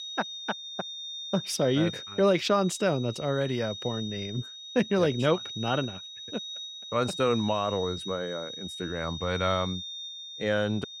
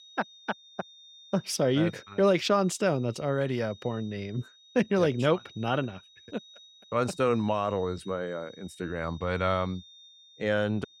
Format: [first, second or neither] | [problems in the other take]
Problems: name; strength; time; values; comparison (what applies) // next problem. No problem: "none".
second | high-pitched whine; loud; throughout; 4 kHz, 9 dB below the speech; faint in the second